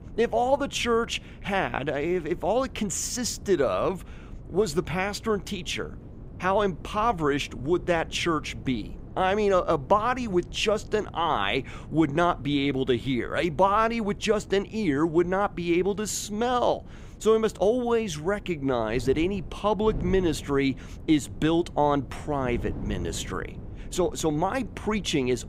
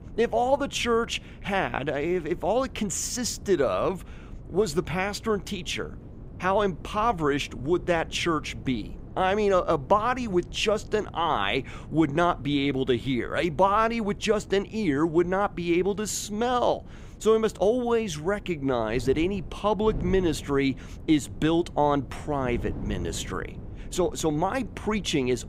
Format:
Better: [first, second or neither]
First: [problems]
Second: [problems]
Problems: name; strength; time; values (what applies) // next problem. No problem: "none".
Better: neither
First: wind noise on the microphone; occasional gusts; 25 dB below the speech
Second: wind noise on the microphone; occasional gusts; 25 dB below the speech